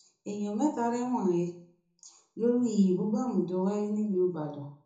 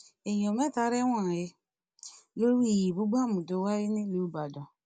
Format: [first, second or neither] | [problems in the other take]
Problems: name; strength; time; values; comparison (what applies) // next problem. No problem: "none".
second | room echo; dies away in 0.6 s